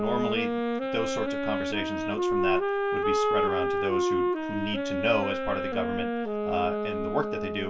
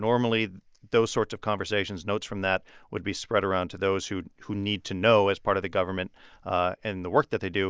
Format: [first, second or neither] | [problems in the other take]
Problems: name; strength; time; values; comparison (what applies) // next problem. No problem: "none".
second | background sound (Wind instrument, woodwind instrument); 4 dB above the speech // room echo; dies away in 0.2 s